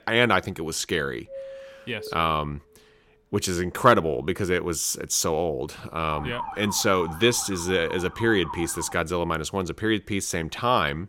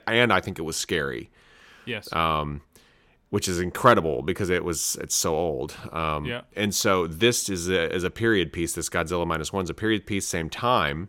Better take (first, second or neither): second